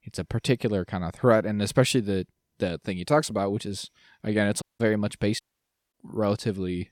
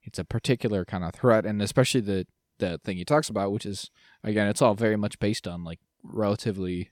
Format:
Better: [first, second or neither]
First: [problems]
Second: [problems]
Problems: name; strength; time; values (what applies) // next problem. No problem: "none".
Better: second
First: audio cutting out; at 4.5 s and at 5.5 s for 0.5 s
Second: none